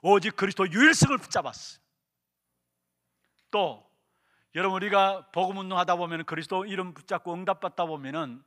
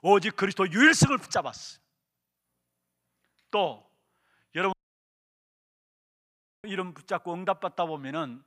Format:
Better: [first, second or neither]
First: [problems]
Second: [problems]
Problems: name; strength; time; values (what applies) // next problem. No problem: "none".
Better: first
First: none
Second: audio cutting out; at 4.5 s for 2 s